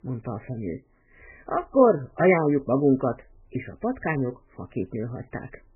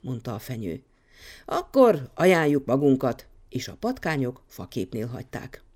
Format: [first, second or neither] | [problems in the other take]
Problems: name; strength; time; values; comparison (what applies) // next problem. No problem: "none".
second | garbled, watery; badly